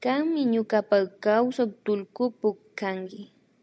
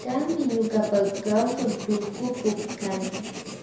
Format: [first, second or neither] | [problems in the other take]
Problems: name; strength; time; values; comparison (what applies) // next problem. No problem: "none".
first | background sound (Writing); 9 dB below the speech // room echo; dies away in 0.7 s